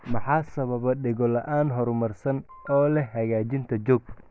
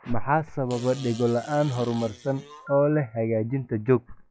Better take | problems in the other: first | noise reduction (classical method log-MMSE)

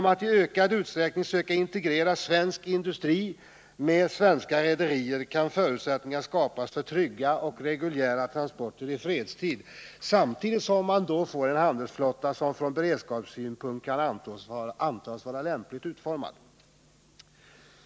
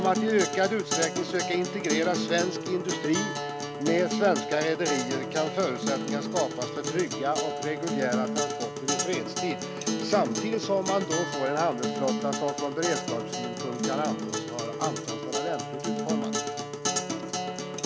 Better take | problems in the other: first | background sound (Acoustic guitar); 1 dB below the speech

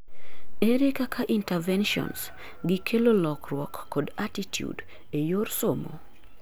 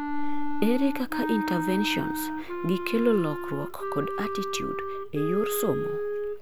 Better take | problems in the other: first | background sound (Wind instrument, woodwind instrument); 3 dB below the speech

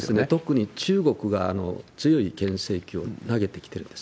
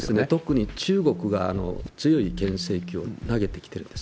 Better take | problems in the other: first | background sound (Telephone + Scratching (performance technique)); 12 dB below the speech

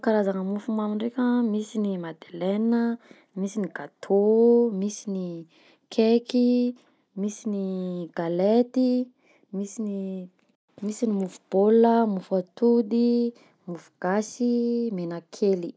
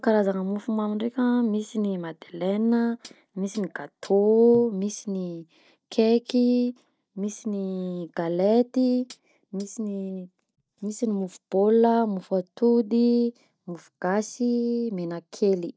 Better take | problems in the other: first | noise reduction (neural mask model DeepFilterNet 3)

